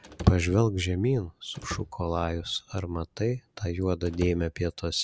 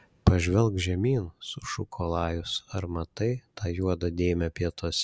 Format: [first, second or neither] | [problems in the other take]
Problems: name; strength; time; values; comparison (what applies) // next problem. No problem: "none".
second | background sound (Slam / Wood); 15 dB below the speech